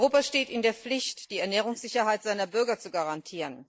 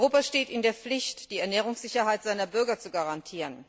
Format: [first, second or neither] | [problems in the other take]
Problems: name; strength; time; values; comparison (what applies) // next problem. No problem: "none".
second | noise reduction (neural mask model Resemble Enhance denoiser)